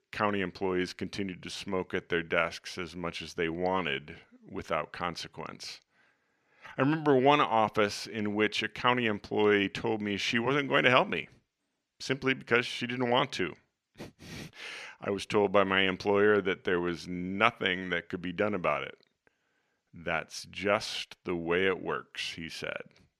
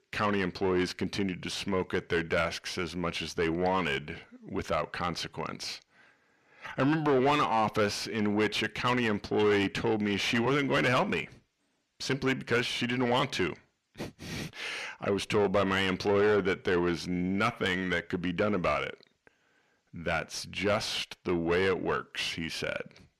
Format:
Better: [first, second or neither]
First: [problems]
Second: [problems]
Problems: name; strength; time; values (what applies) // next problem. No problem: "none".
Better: first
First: none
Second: distortion; heavy; 7 dB below the speech